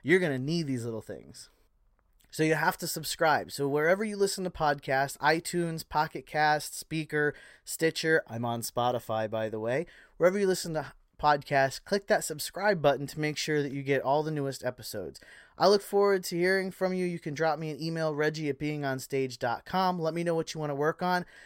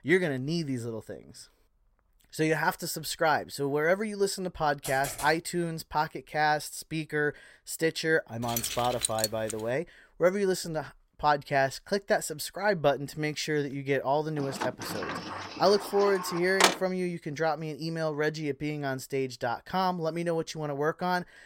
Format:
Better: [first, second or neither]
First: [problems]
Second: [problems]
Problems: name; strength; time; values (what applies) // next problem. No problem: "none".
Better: first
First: none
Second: keyboard typing; noticeable; at 5 s; peak 8 dB below the speech // jangling keys; noticeable; from 8.5 to 9.5 s; peak level with the speech // door banging; loud; from 15 to 17 s; peak 5 dB above the speech